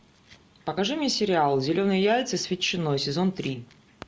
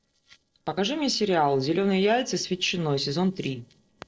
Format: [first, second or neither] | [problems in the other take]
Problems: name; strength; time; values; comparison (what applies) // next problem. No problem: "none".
first | noise reduction (neural separator model SepFormer DNS4)